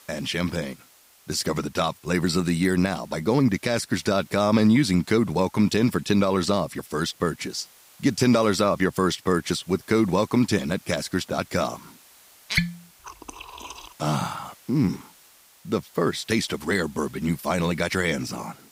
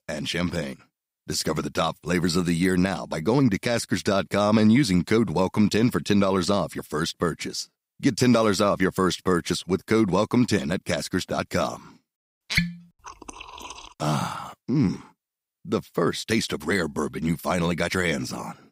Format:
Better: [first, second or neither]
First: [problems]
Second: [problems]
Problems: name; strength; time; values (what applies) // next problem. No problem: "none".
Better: second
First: hiss; faint; throughout; 25 dB below the speech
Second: none